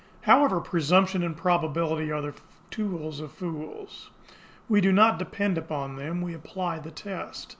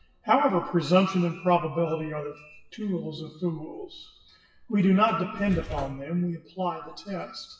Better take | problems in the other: first | noise reduction (classical method WPE with log-MMSE)

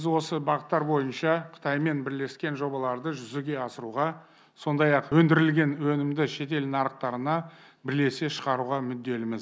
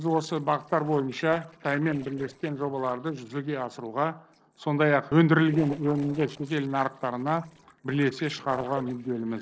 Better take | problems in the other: first | noise reduction (neural separator model SepFormer DNS4)

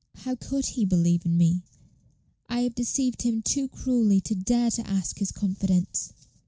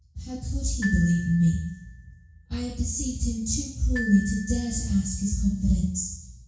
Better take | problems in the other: first | background sound (Glockenspiel); 14 dB below the speech // room echo; dies away in 0.6 s

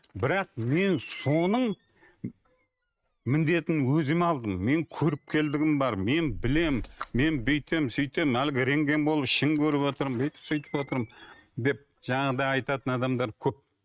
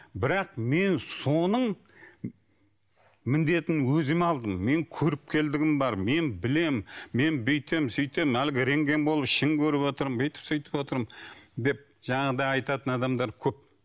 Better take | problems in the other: second | noise reduction (neural mask model RNNoise)

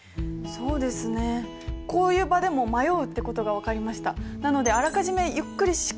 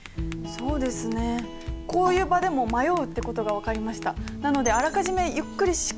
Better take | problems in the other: first | background sound (Percussion + Tap); 16 dB below the speech

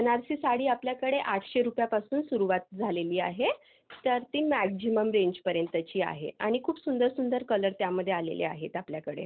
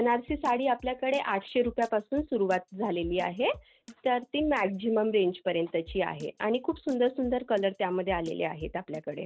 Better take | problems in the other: first | noise reduction (neural mask model RNNoise)

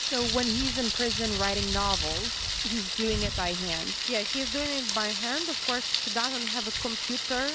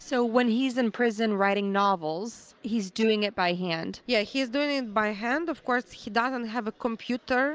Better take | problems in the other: second | background sound (Thunder); 2 dB above the speech

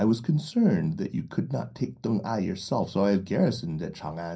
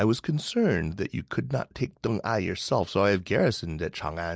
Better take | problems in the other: second | room echo; dies away in 0.3 s

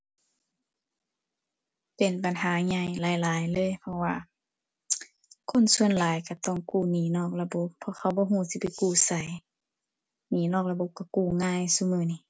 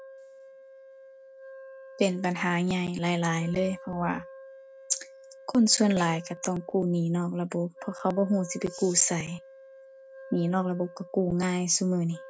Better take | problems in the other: first | background sound (Wind instrument, woodwind instrument); 19 dB below the speech

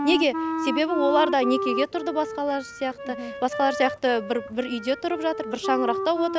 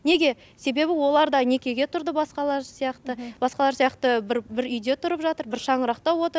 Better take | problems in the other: second | background sound (Wind instrument, woodwind instrument); 5 dB below the speech

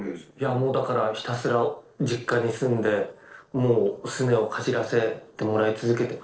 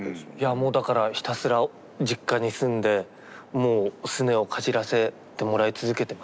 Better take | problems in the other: second | noise reduction (neural separator model SepFormer DNS4)

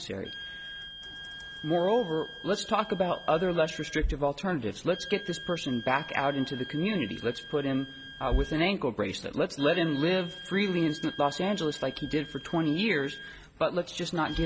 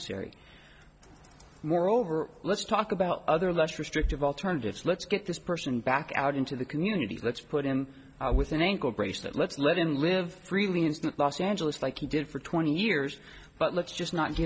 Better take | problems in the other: second | background sound (Wind instrument, woodwind instrument); 15 dB below the speech

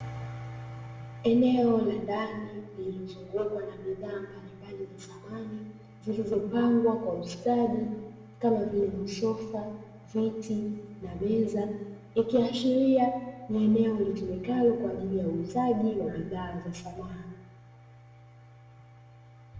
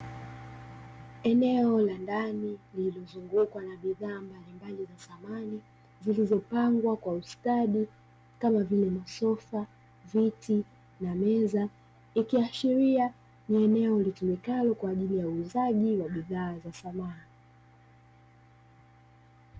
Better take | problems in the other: second | room echo; dies away in 1 s

